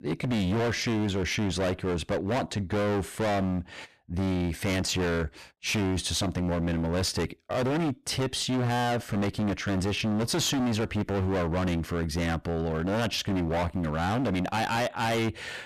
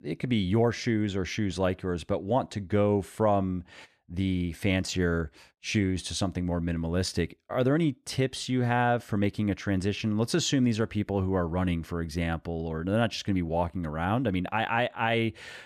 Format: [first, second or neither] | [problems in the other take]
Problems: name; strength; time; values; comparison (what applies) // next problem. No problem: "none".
second | distortion; heavy; 31% of the sound clipped